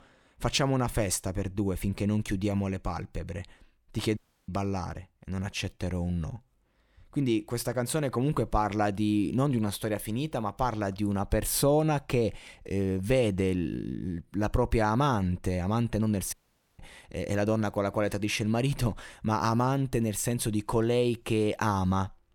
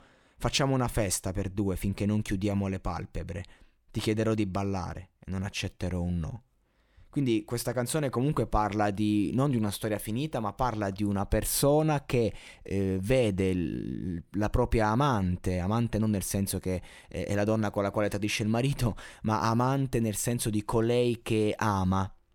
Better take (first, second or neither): second